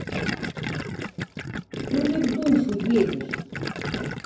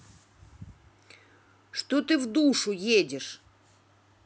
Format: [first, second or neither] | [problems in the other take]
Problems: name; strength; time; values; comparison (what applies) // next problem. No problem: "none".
second | background sound (Gurgling); 4 dB below the speech // room echo; dies away in 0.9 s